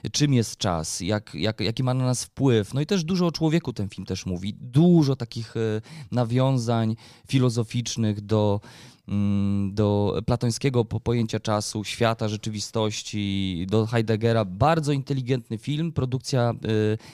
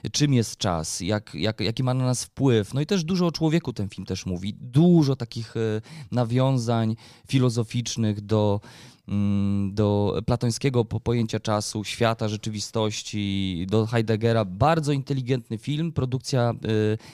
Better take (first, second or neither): neither